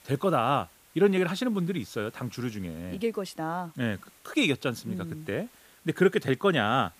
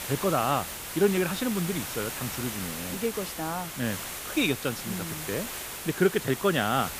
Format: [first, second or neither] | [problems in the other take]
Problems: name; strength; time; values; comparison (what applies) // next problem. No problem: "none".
first | hiss; loud; throughout; 5 dB below the speech; faint in the first